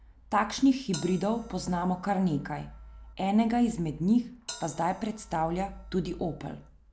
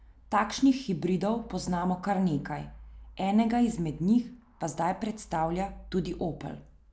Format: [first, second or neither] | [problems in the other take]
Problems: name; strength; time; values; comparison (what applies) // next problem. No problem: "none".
second | background sound (Bell); 20 dB below the speech